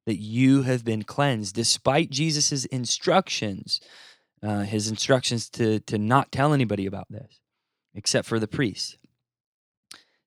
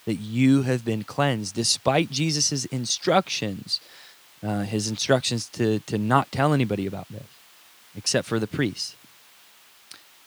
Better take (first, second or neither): first